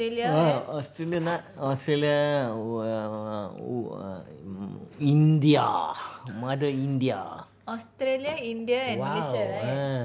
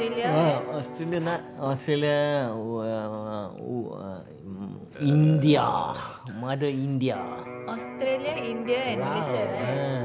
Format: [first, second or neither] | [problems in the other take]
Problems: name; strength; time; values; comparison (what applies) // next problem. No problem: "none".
first | background sound (Electric guitar + Burping, eructation); 11 dB below the speech